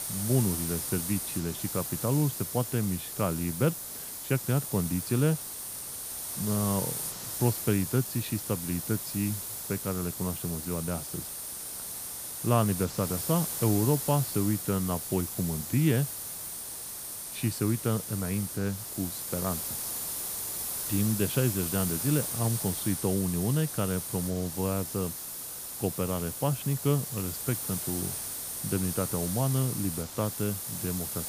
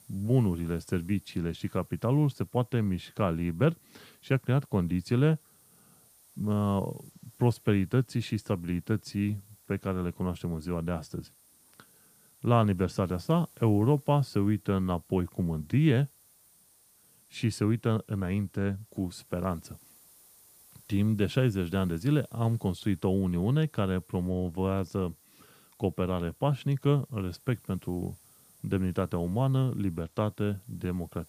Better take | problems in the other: second | hiss; loud; throughout; 3 dB below the speech; faint in the second

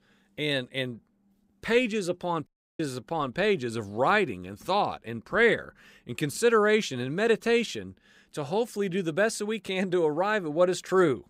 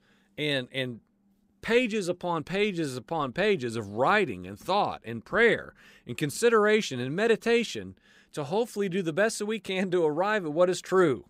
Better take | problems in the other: second | audio cutting out; at 2.5 s

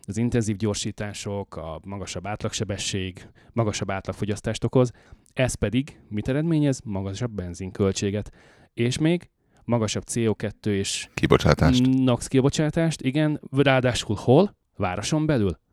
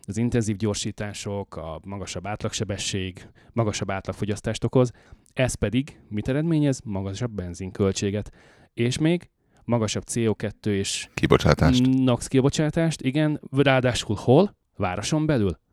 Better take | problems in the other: neither | none

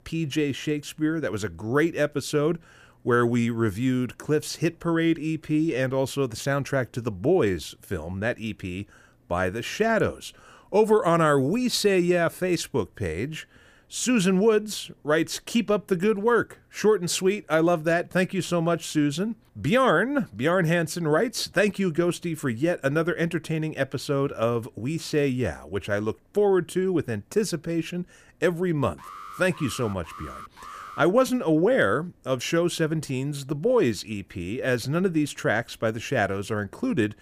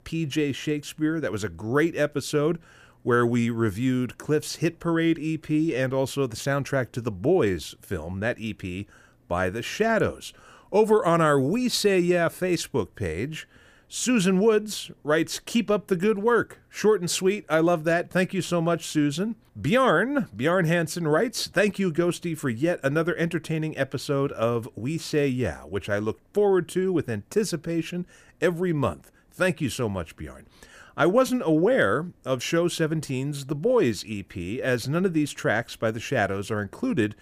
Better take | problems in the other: second | alarm; faint; from 29 to 31 s; peak 15 dB below the speech

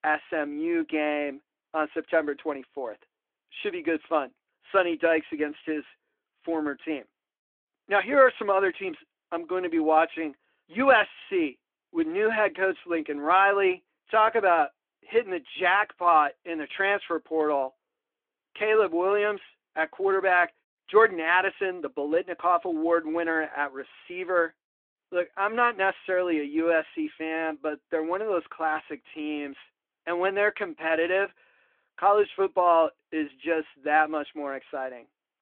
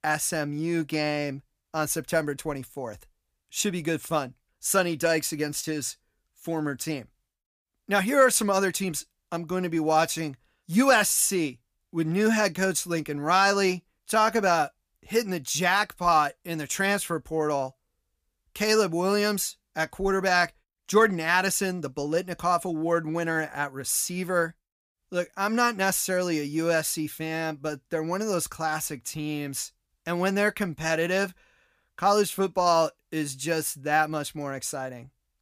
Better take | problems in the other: second | phone-call audio

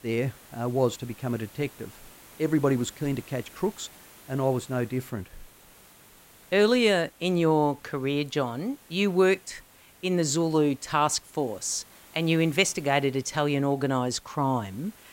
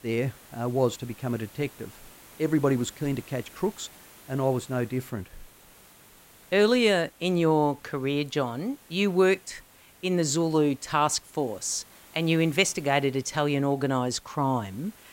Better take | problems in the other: neither | hiss; faint; throughout; 25 dB below the speech; the same in both

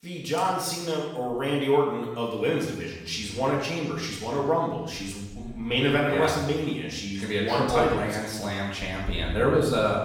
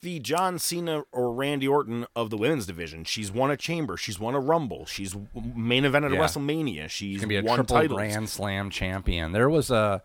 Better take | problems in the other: second | room echo; noticeable; dies away in 0.9 s // off-mic speech; far

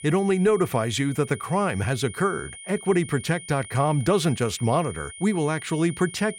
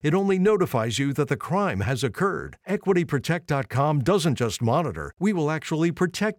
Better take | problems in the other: second | high-pitched whine; noticeable; throughout; 9.5 kHz, 15 dB below the speech

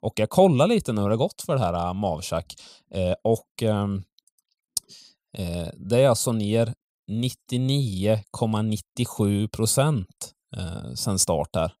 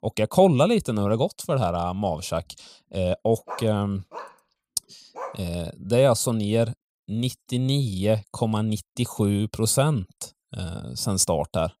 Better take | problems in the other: first | dog barking; faint; from 3.5 to 5.5 s; peak 15 dB below the speech

